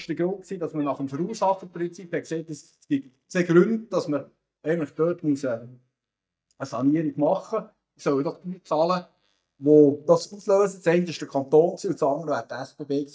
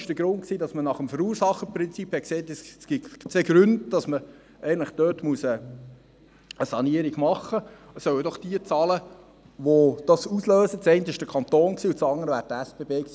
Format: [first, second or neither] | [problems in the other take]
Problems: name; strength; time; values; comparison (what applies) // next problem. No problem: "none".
second | noise reduction (neural mask model DeepFilterNet 3)